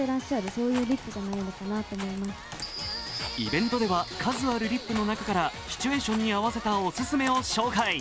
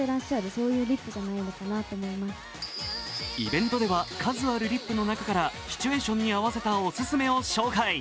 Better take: second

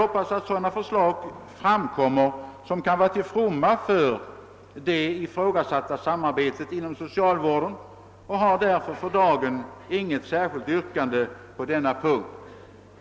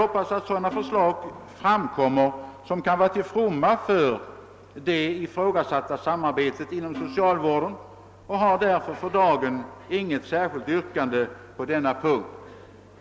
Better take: first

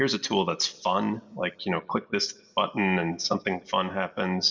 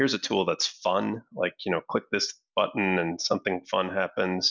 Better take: second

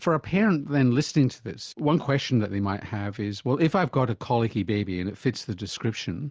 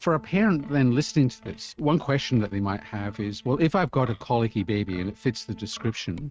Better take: first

